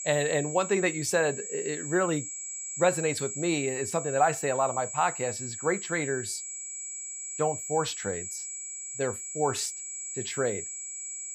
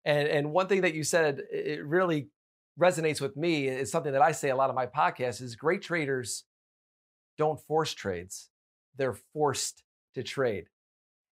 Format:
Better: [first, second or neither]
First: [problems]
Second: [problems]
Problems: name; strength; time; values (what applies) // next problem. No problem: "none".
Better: second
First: high-pitched whine; loud; throughout; 7.5 kHz, 6 dB below the speech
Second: none